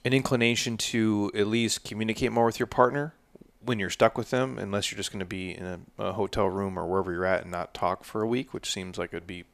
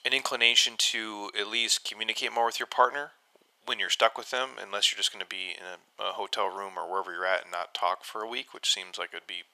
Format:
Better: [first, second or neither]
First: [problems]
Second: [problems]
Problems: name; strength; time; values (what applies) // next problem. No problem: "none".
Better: first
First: none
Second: thin; very; fading below 850 Hz